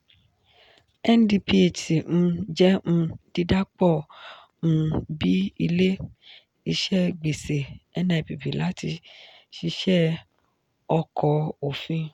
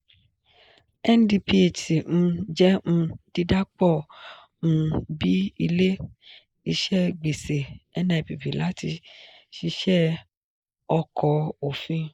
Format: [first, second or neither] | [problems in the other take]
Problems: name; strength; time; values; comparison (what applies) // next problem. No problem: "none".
first | noise reduction (neural mask model Resemble Enhance denoiser)